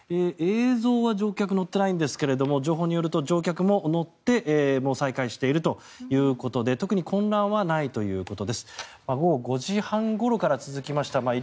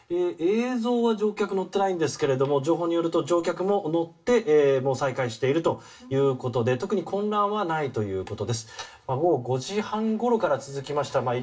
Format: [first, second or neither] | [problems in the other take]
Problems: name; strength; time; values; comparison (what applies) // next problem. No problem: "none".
first | room echo; dies away in 0.2 s